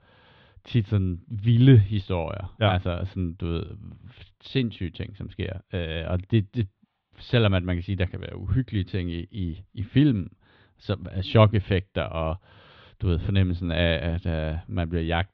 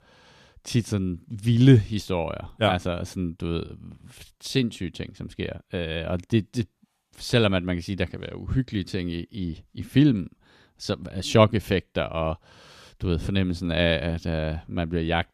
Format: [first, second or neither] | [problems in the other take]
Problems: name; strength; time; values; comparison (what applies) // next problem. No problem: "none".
second | muffled; slightly; fading above 3.5 kHz